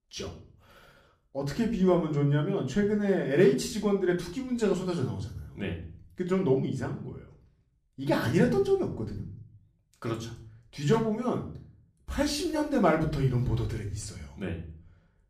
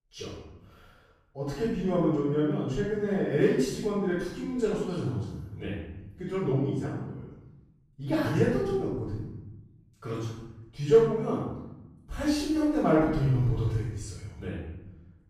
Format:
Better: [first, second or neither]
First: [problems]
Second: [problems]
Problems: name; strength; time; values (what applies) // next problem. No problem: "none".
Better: first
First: room echo; slight; dies away in 0.4 s // off-mic speech; somewhat distant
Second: room echo; strong; dies away in 1 s // off-mic speech; far